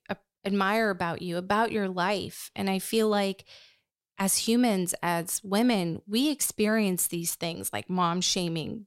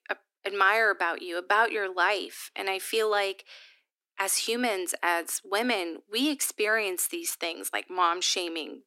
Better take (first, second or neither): first